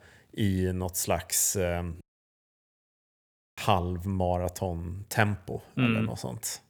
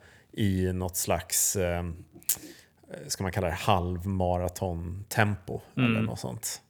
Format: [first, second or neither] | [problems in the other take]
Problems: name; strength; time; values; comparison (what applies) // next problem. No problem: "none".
second | audio cutting out; at 2 s for 1.5 s